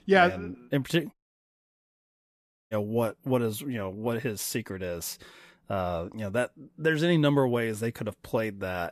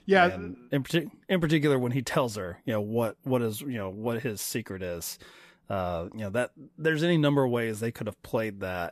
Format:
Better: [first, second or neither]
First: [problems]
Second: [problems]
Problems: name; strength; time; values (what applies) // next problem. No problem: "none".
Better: second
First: audio cutting out; at 1 s for 1.5 s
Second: none